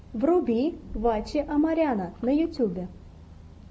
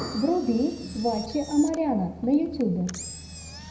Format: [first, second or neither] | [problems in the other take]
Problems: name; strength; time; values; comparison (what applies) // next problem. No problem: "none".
first | background sound (Engine); 16 dB below the speech // room echo; dies away in 0.7 s